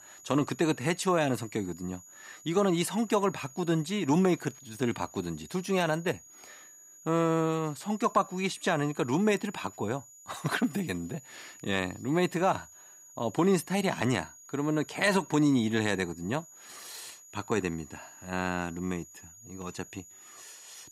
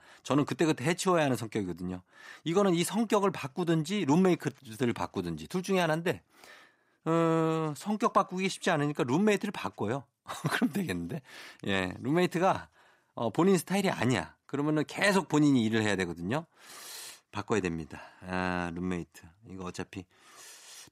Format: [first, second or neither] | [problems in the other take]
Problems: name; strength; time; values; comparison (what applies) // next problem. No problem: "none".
second | high-pitched whine; noticeable; throughout; 7 kHz, 20 dB below the speech